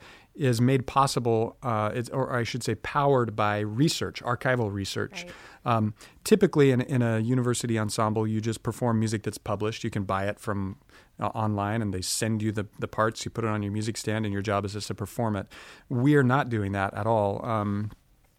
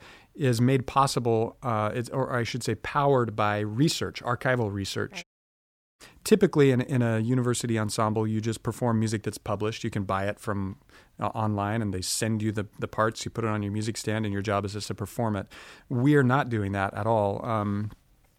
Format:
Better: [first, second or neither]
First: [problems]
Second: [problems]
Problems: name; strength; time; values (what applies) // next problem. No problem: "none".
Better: first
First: none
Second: audio cutting out; at 5 s for 0.5 s